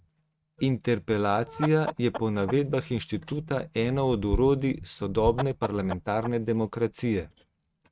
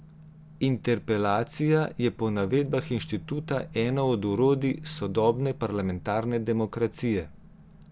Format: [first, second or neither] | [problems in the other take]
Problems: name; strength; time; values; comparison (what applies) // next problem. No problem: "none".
second | noise reduction (neural mask model RNNoise)